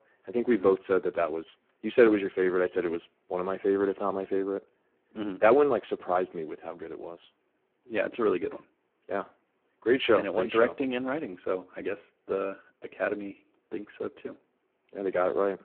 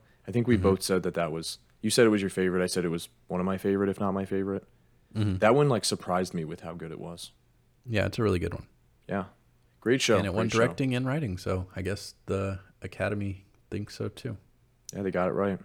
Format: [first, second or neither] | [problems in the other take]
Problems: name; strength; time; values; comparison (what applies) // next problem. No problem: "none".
second | phone-call audio; poor line